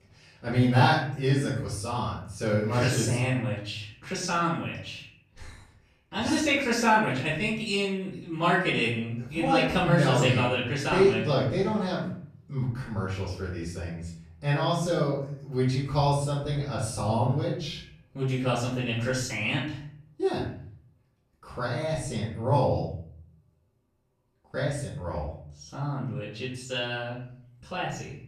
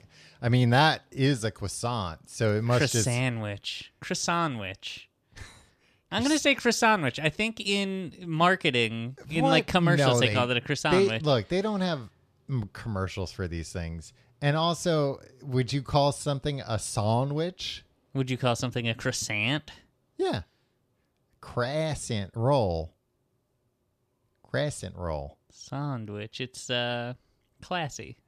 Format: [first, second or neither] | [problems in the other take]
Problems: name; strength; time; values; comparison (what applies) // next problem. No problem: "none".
second | room echo; noticeable; dies away in 0.6 s // off-mic speech; far